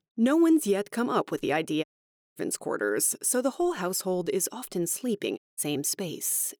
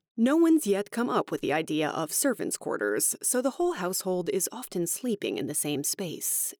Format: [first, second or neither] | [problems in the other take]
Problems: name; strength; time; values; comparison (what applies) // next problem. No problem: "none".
second | audio cutting out; at 2 s for 0.5 s and at 5.5 s